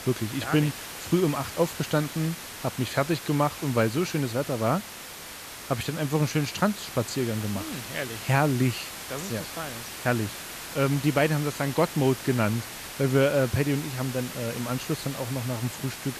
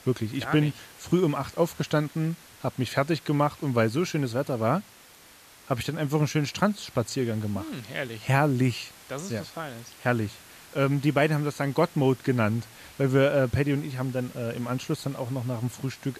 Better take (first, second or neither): second